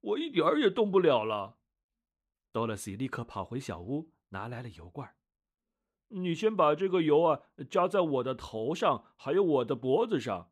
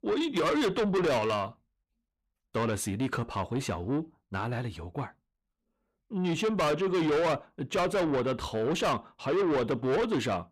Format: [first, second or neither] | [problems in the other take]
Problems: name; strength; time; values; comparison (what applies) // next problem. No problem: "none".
first | distortion; heavy; 6 dB below the speech